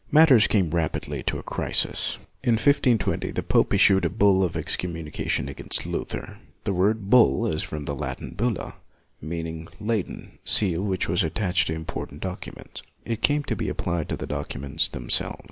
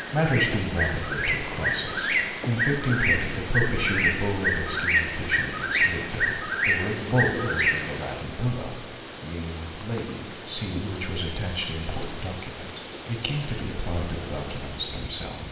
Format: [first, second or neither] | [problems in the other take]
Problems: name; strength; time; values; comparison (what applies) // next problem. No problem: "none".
first | background sound (Bird); as loud as the speech // room echo; dies away in 1.2 s